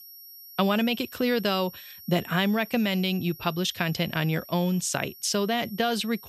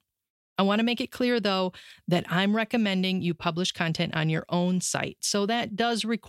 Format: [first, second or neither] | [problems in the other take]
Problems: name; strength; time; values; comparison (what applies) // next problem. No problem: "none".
second | high-pitched whine; noticeable; throughout; 12 kHz, 15 dB below the speech